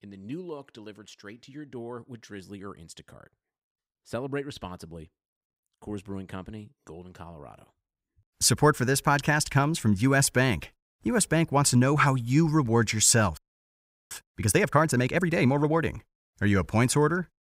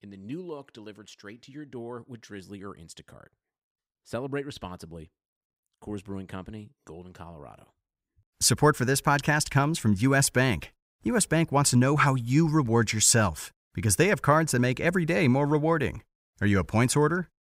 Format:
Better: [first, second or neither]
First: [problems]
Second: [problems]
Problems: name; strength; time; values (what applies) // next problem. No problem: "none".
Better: second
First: audio freezing; at 13 s for 0.5 s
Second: none